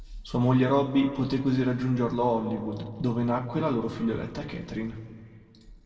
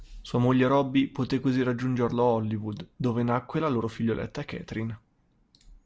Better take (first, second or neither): second